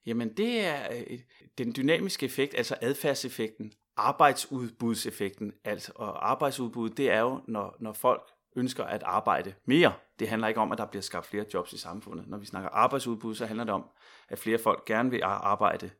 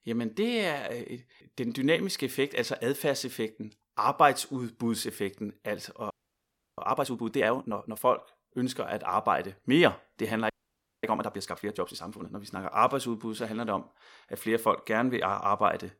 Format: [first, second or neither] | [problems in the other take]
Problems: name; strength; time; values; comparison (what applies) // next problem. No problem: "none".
first | audio freezing; at 6 s for 0.5 s and at 11 s for 0.5 s